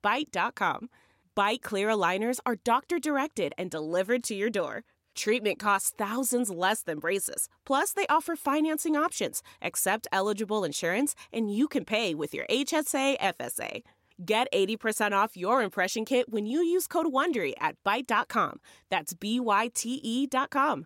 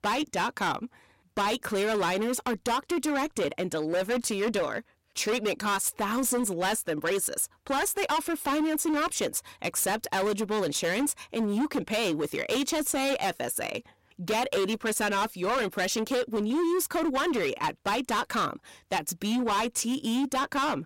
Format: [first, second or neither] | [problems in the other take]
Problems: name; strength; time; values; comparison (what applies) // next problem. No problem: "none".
first | distortion; heavy; 21% of the sound clipped